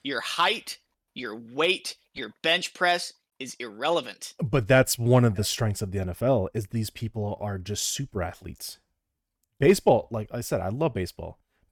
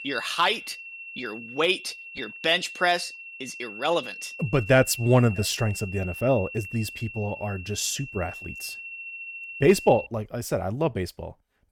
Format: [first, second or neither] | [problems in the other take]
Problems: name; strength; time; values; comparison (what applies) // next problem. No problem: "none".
first | high-pitched whine; noticeable; until 10 s; 2.5 kHz, 10 dB below the speech